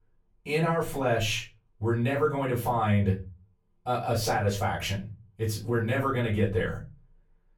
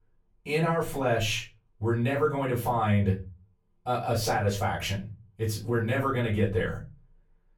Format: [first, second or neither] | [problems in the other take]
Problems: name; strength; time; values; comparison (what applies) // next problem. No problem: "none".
neither | off-mic speech; far; the same in both // room echo; very slight; dies away in 0.3 s; the same in both